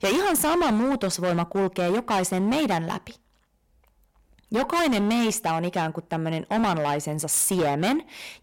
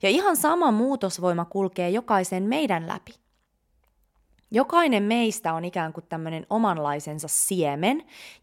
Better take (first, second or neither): second